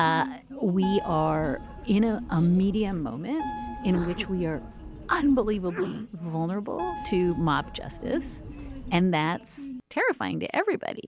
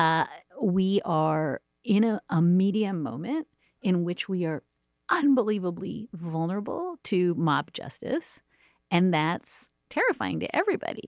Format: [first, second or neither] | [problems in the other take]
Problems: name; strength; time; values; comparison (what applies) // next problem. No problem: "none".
second | background sound (Sneeze + Keyboard (musical)); 11 dB below the speech